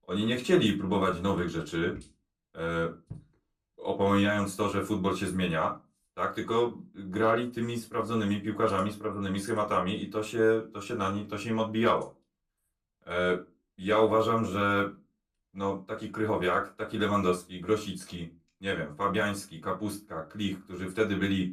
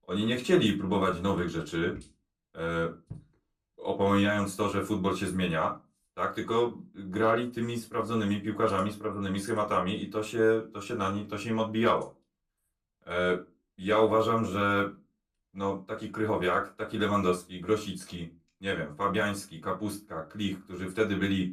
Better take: neither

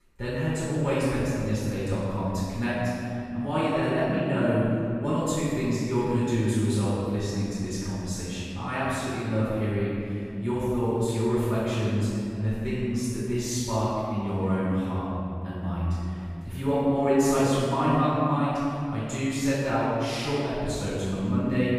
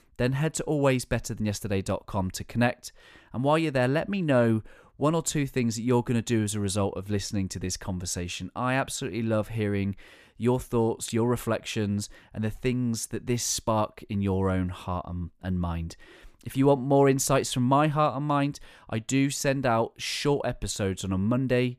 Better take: second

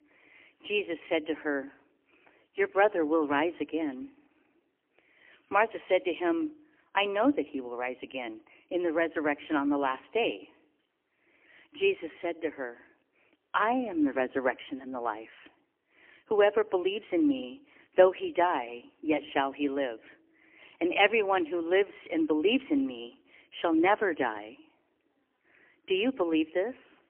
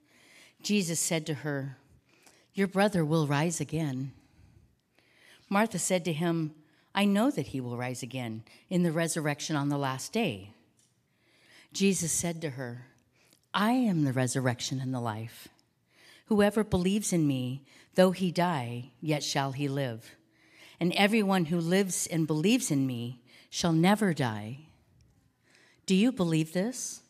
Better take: second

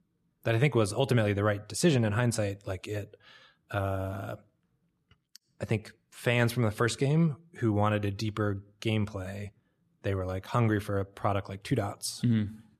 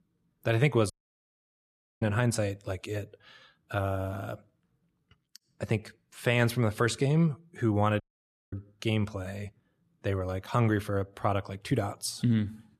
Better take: first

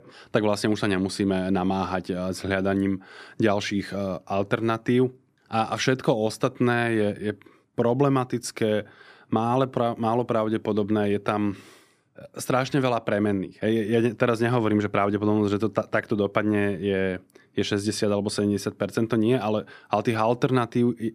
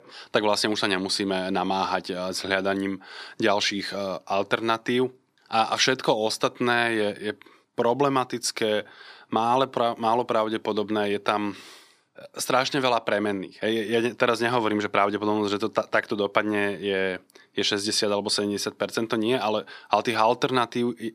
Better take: first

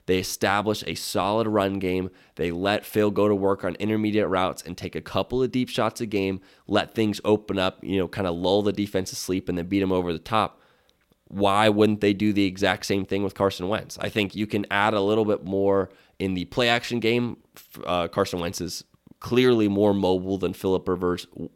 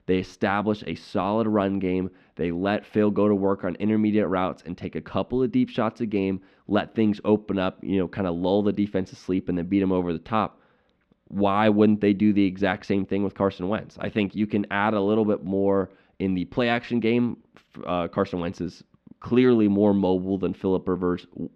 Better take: first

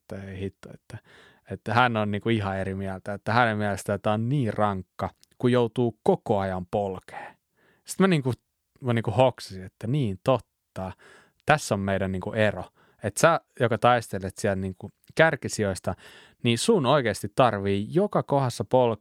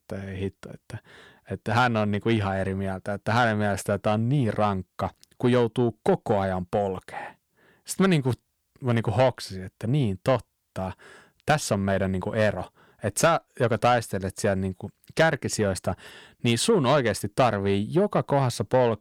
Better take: first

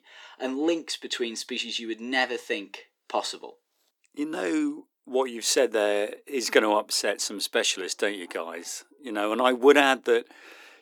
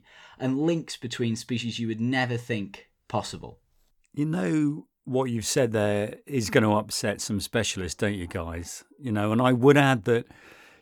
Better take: second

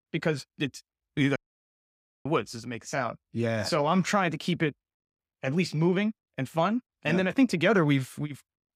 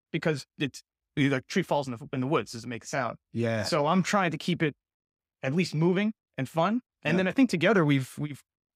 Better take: second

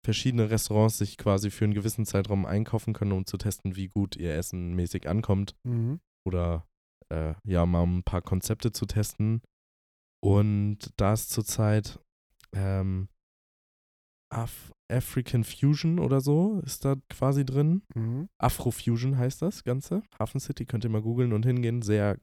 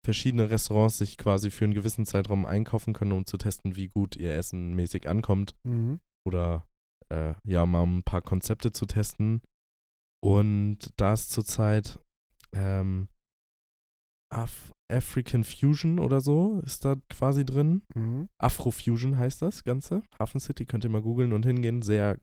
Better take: first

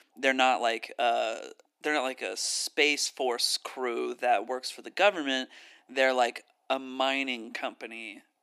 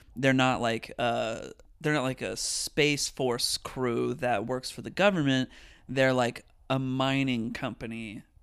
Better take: second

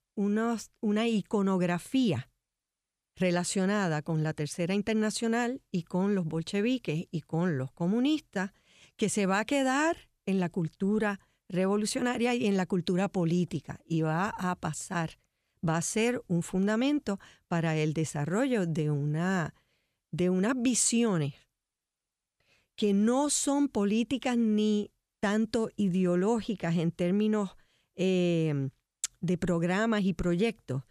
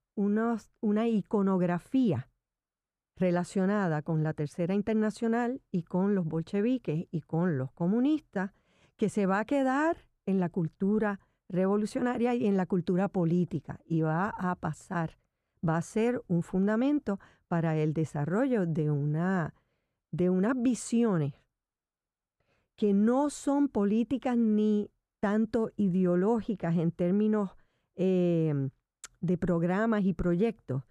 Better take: first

